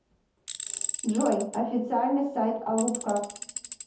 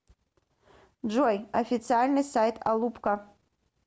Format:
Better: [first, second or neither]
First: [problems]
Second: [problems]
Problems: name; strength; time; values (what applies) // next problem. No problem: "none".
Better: second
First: background sound (Tools); 8 dB below the speech // room echo; dies away in 0.6 s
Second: none